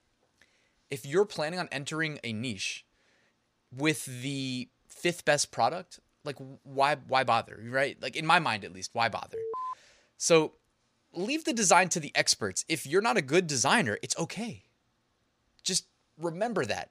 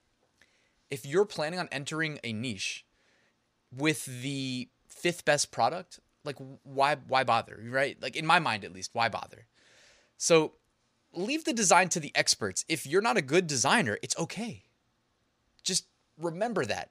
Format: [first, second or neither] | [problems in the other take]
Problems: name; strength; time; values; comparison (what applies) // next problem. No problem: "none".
second | alarm; noticeable; at 9.5 s; peak 7 dB below the speech